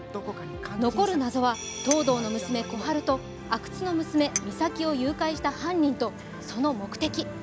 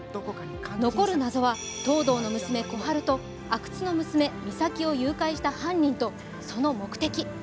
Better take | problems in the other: second | background sound (Chink, clink); 13 dB below the speech

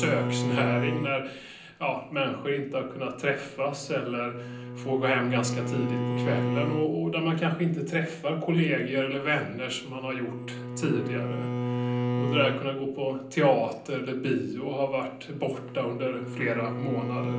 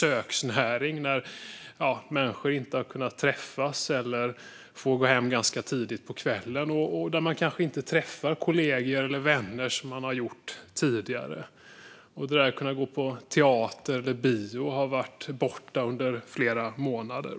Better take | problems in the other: second | background sound (Bowed string instrument); 4 dB below the speech // room echo; dies away in 0.6 s

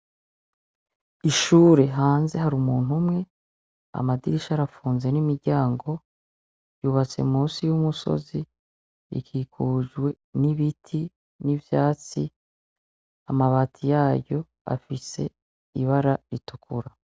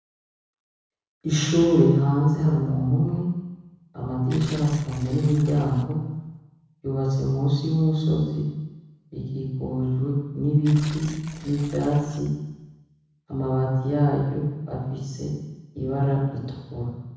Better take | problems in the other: first | background sound (Tearing); 18 dB below the speech // room echo; dies away in 1.1 s

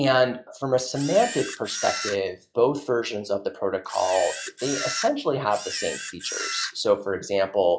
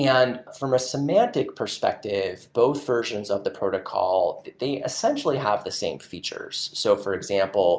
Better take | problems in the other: second | noise reduction (classical method log-MMSE)

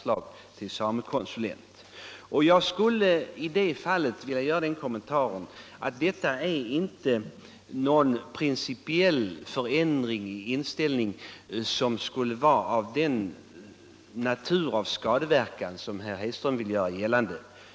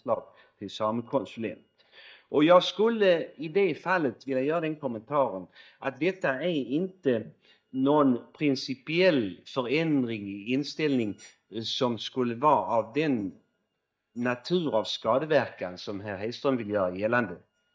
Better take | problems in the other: first | noise reduction (neural mask model DeepFilterNet 3)

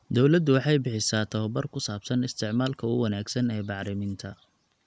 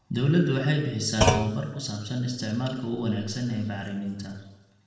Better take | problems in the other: first | background sound (Thump, thud); 1 dB below the speech // room echo; dies away in 1 s

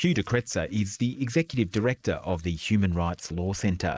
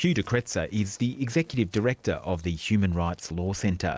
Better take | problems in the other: second | noise reduction (neural mask model Resemble Enhance denoiser)

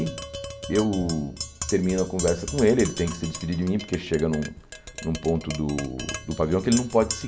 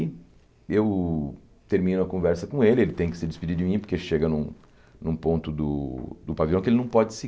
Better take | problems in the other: second | background sound (Tap); 10 dB below the speech

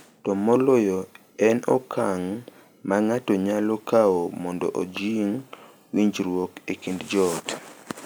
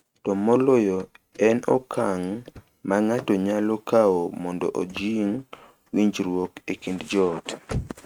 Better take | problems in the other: first | noise reduction (neural mask model RNNoise)

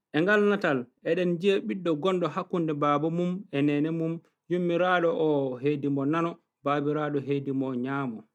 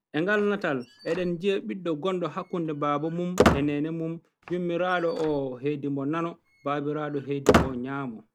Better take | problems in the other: first | background sound (Squeak); 3 dB below the speech

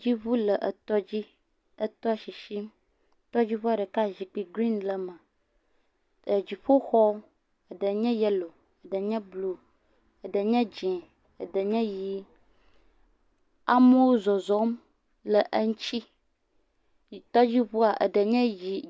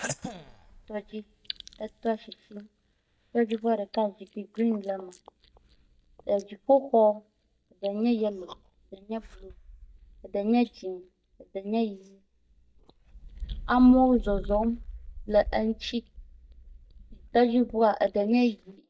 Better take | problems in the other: first | noise reduction (neural mask model DeepFilterNet 3)

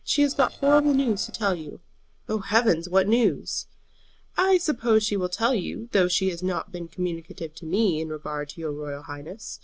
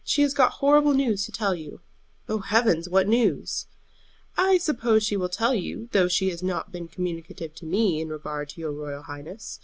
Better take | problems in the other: second | noise reduction (neural separator model SepFormer DNS4)

